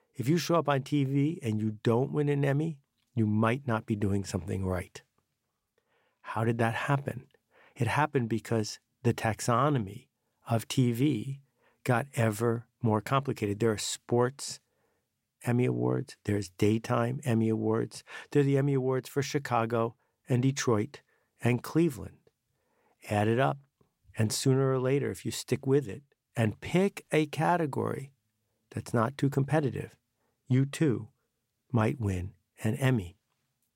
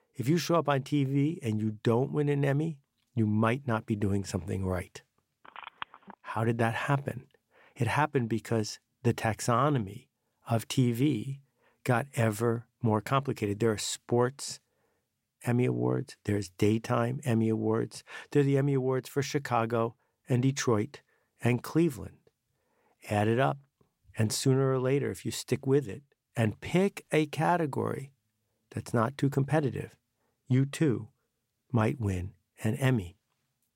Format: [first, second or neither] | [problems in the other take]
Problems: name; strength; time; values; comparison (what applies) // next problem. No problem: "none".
first | phone ringing; faint; at 5.5 s; peak 15 dB below the speech